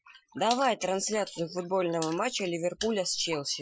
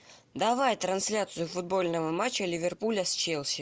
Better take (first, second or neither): second